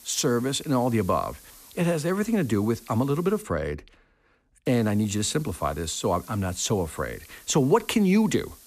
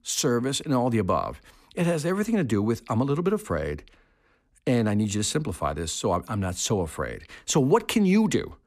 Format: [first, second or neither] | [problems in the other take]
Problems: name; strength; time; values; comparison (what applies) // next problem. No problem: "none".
second | hiss; faint; until 3.5 s and from 4.5 s on; 20 dB below the speech